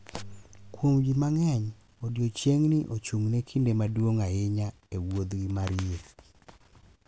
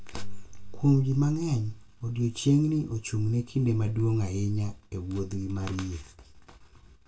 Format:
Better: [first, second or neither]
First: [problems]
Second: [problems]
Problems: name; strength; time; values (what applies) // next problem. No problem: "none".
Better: first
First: none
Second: room echo; dies away in 0.2 s